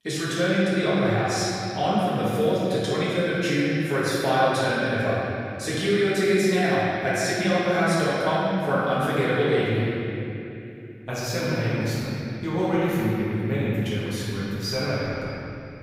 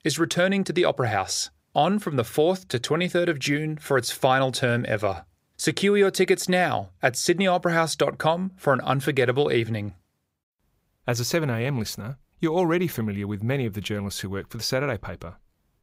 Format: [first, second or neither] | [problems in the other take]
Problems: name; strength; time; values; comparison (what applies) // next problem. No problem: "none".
second | room echo; strong; dies away in 2.9 s // off-mic speech; far